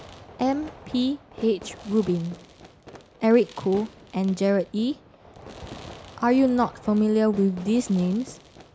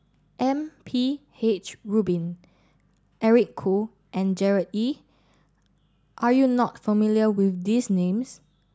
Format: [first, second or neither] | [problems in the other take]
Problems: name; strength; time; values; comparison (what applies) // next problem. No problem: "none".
second | background sound (Fireworks); 19 dB below the speech